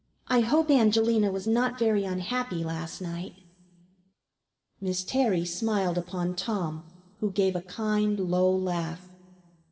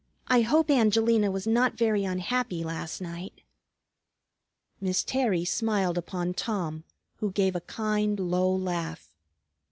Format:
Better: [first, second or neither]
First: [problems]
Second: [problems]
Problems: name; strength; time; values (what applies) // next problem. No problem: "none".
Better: second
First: room echo; dies away in 2.9 s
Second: none